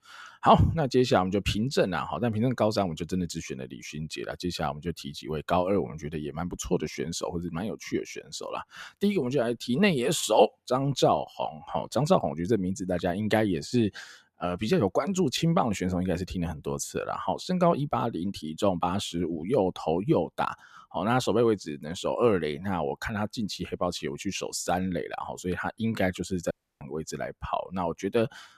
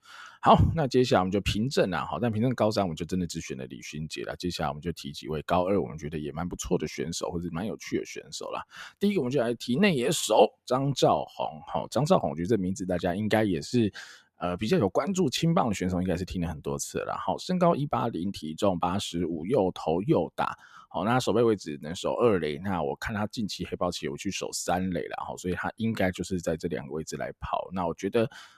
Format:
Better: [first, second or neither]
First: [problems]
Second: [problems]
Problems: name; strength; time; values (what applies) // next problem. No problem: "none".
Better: second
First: audio cutting out; at 27 s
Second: none